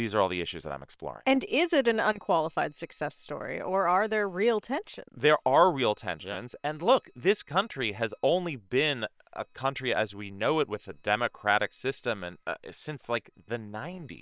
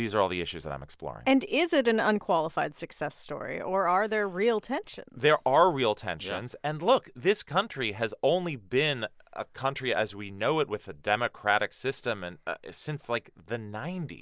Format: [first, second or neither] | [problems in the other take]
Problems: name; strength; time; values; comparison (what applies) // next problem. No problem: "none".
second | noise reduction (neural separator model SepFormer WHAM!)